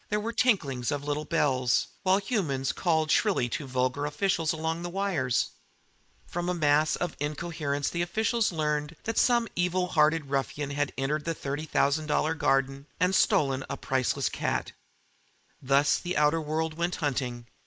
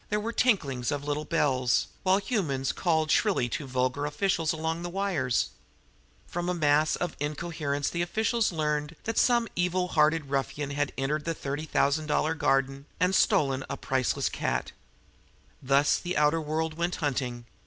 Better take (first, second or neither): second